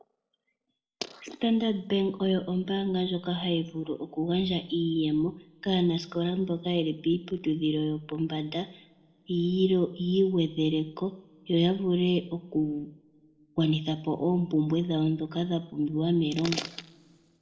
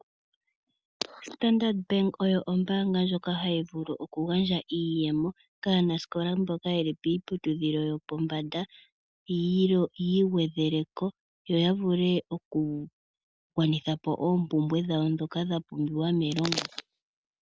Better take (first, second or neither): second